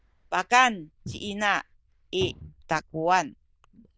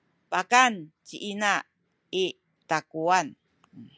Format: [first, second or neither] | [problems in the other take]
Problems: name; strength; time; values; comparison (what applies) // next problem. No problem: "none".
second | noise reduction (neural diffusion model UNIVERSE++)